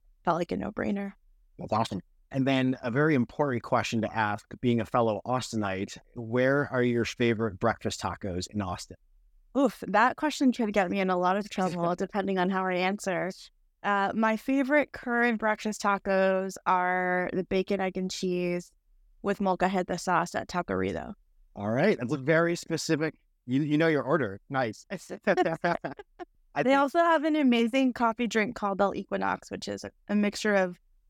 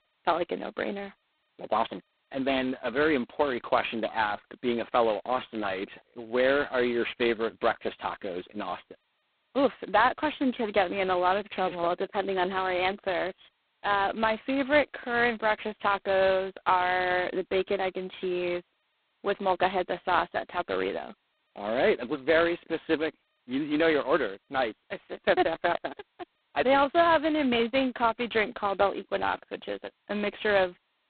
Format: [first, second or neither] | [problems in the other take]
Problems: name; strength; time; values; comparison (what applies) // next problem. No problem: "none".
first | phone-call audio; poor line; nothing above 4 kHz